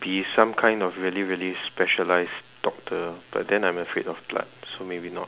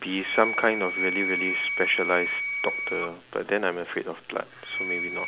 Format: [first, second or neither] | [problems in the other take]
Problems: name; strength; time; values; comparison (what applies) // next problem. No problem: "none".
first | background sound (Wind instrument, woodwind instrument); 3 dB below the speech